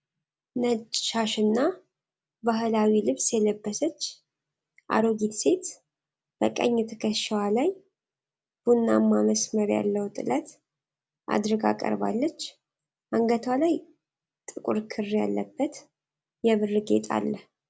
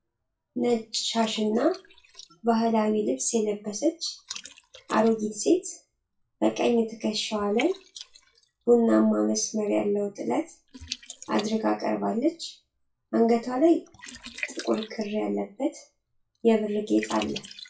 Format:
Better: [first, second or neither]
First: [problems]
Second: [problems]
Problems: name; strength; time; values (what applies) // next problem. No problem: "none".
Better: first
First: none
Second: noise reduction (classical method WPE with log-MMSE)